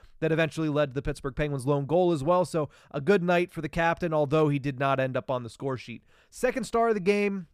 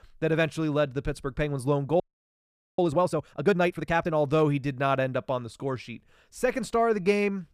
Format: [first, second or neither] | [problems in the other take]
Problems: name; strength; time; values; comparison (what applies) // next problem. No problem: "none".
first | audio freezing; at 2 s for 1 s